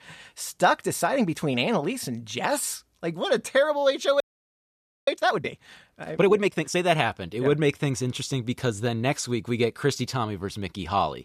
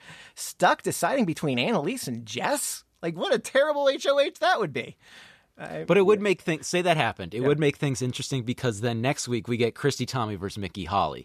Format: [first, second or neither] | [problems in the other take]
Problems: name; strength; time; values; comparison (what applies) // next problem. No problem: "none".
second | audio freezing; at 4 s for 1 s